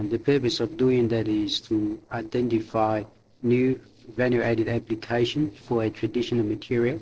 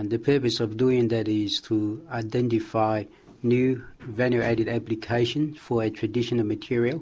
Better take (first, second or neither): second